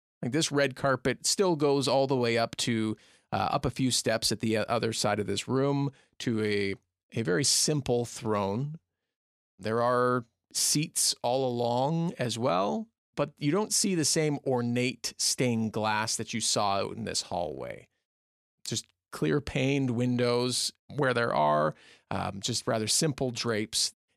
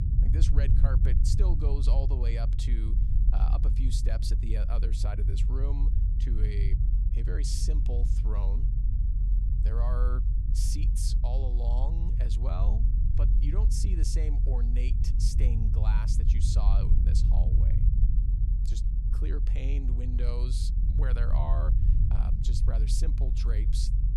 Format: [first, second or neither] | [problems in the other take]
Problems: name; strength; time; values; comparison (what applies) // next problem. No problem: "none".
first | low rumble; loud; throughout; 4 dB below the speech